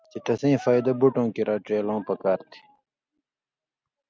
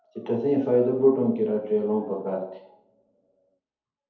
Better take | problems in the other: first | room echo; dies away in 2.1 s

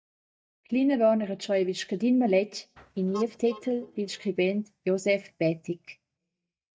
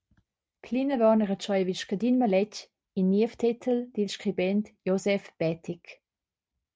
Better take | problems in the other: second | noise reduction (neural mask model DeepFilterNet 3)

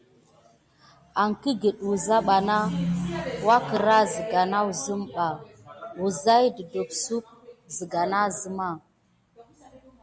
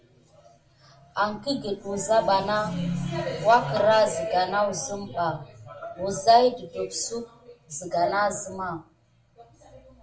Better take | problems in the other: first | room echo; dies away in 0.2 s

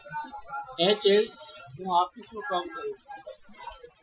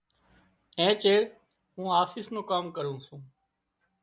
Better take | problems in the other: second | noise reduction (classical method Wiener filter)

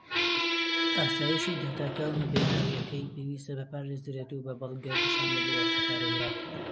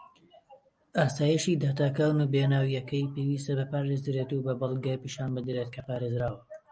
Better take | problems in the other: second | background sound (Squeak); 5 dB above the speech

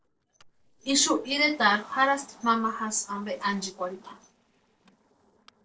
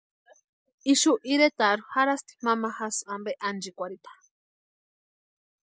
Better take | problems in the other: second | noise reduction (neural separator model SepFormer DNS4)

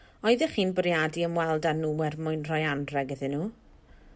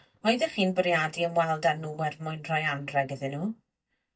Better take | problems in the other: first | noise reduction (neural mask model DeepFilterNet 3)

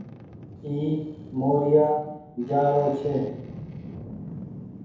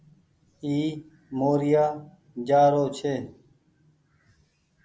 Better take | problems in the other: second | background sound (Boat, Water vehicle); 14 dB below the speech // room echo; dies away in 0.9 s

